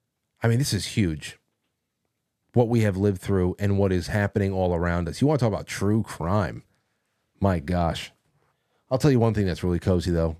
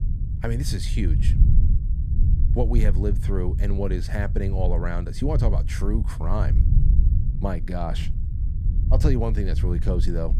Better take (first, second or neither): first